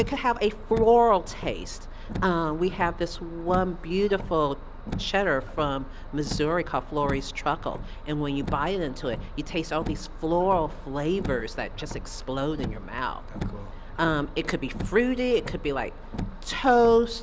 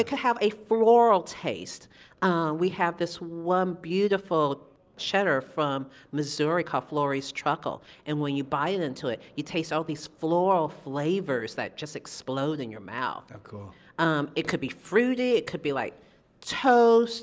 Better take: second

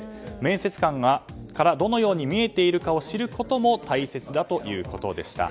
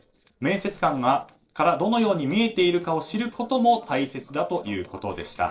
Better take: first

